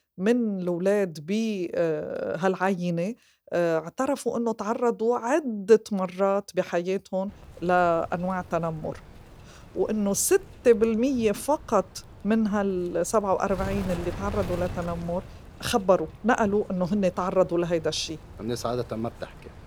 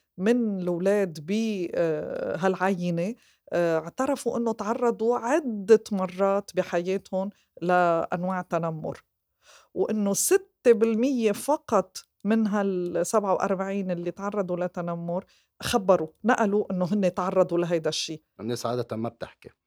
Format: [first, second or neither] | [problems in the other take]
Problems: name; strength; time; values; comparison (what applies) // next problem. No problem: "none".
second | wind noise on the microphone; occasional gusts; from 7.5 s on; 20 dB below the speech